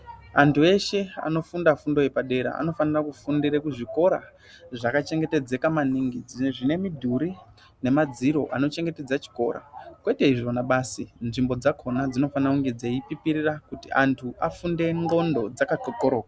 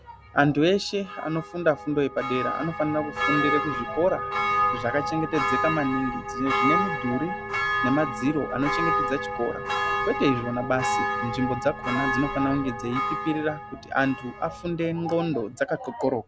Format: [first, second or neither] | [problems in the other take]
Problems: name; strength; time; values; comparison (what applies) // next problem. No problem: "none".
first | background sound (Church bell); 2 dB below the speech